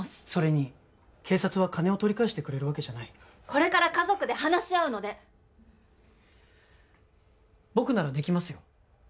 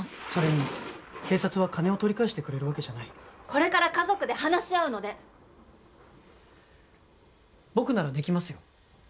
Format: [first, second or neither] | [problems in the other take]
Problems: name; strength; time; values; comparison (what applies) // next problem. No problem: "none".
first | background sound (Thunder); 15 dB below the speech